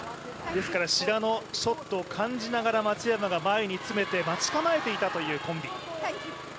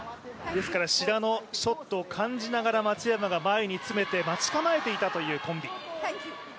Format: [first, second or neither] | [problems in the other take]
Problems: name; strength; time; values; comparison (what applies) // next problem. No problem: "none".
second | background sound (Engine starting); 15 dB below the speech